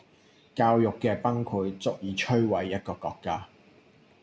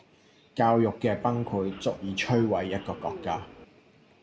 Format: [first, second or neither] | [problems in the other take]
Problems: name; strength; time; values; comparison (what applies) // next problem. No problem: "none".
first | background sound (Subway, metro, underground); 15 dB below the speech